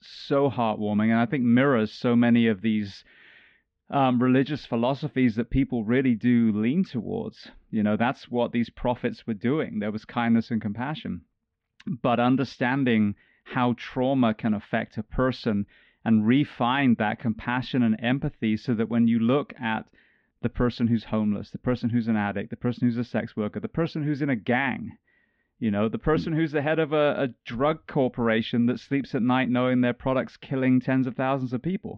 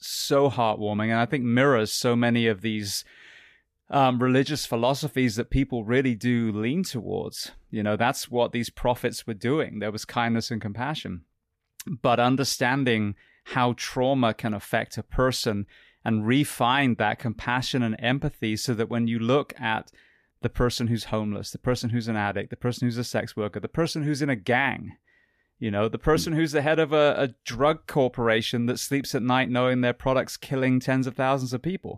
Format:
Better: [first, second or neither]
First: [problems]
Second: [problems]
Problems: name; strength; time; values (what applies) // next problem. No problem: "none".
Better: second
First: muffled; slightly; fading above 3.5 kHz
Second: none